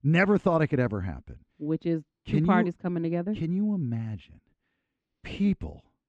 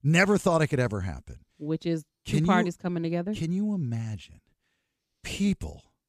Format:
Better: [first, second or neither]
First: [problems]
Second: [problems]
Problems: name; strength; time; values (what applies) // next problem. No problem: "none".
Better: second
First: muffled; slightly; fading above 2.5 kHz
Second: none